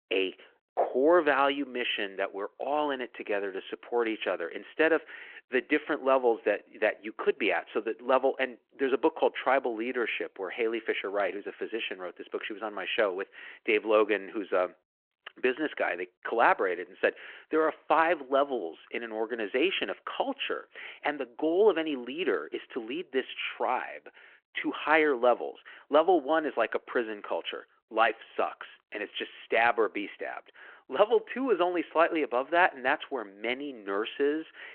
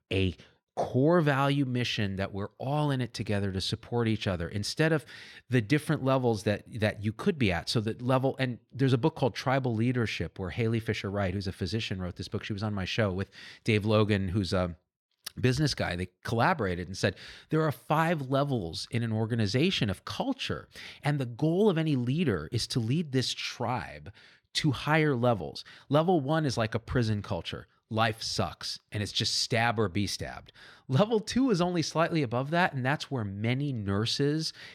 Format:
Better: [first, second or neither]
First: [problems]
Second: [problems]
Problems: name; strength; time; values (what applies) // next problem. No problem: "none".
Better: second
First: phone-call audio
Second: none